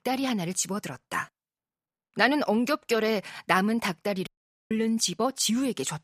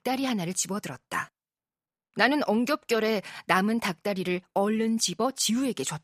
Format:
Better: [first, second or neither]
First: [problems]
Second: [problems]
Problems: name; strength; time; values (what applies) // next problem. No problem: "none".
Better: second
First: audio cutting out; at 4.5 s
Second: none